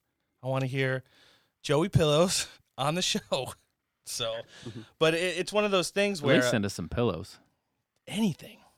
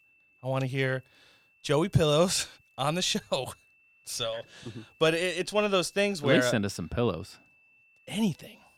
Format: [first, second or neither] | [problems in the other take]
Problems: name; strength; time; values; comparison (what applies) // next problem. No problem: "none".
first | high-pitched whine; faint; throughout; 2.5 kHz, 35 dB below the speech